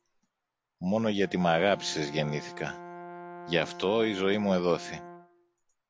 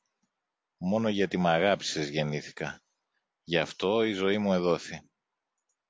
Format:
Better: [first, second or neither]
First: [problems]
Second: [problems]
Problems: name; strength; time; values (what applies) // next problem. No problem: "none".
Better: second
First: background sound (Brass instrument); 15 dB below the speech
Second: none